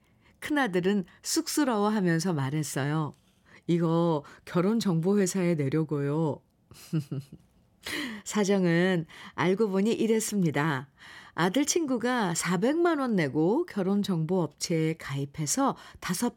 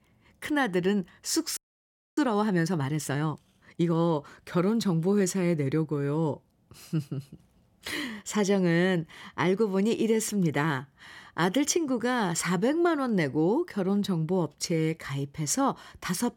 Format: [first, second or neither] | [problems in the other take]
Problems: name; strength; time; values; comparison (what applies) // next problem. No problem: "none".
first | audio freezing; at 1.5 s for 0.5 s